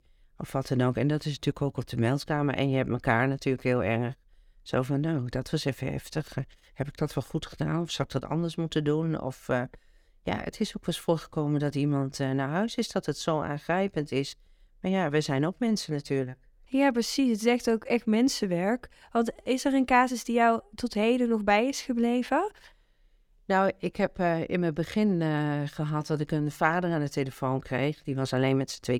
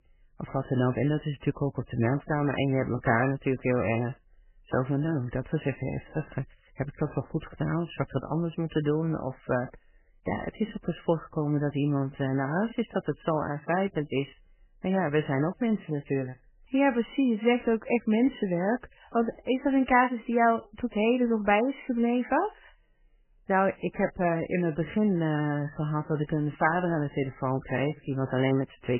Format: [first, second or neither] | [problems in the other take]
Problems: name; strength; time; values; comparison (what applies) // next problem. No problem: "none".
first | garbled, watery; badly; nothing above 3 kHz